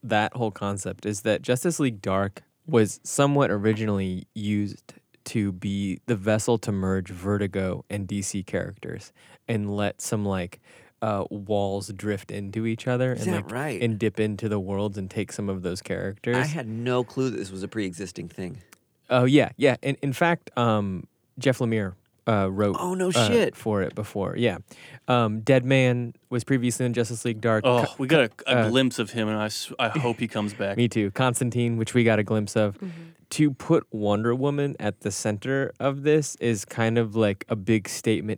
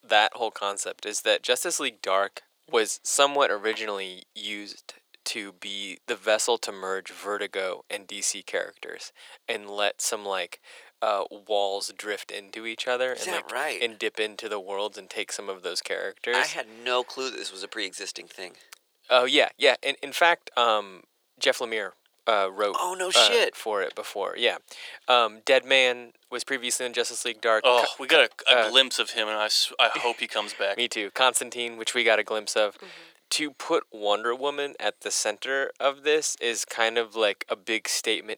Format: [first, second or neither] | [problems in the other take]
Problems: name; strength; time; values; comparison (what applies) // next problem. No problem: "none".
first | thin; very; fading below 550 Hz